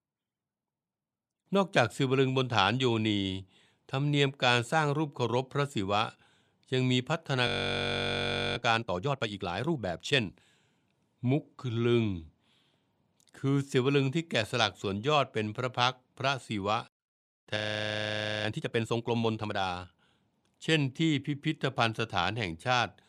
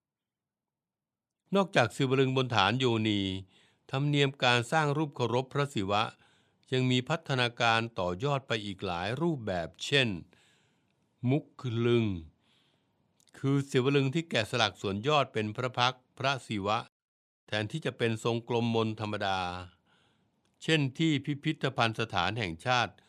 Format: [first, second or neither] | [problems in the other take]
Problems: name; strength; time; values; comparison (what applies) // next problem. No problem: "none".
second | audio freezing; at 7.5 s for 1 s and at 18 s for 1 s